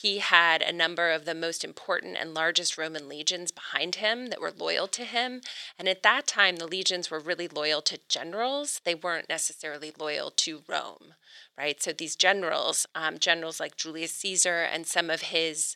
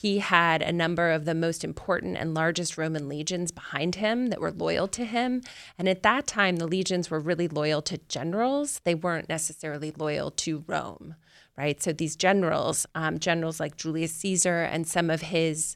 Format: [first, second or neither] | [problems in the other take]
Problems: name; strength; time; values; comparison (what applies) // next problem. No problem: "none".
second | thin; somewhat; fading below 450 Hz